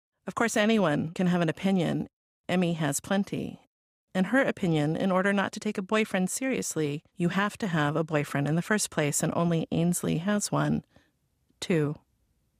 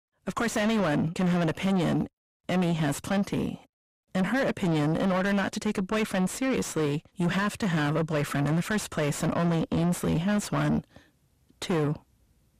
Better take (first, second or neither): first